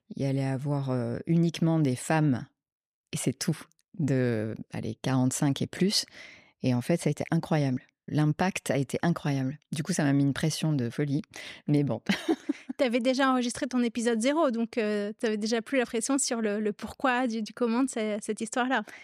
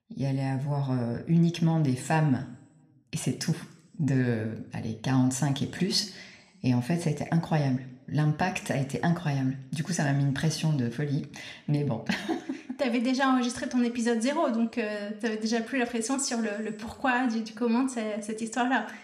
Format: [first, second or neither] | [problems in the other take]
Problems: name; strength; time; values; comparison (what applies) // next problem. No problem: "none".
first | room echo; very slight; dies away in 0.6 s